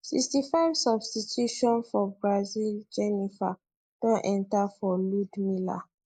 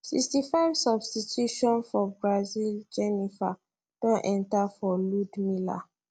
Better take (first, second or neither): second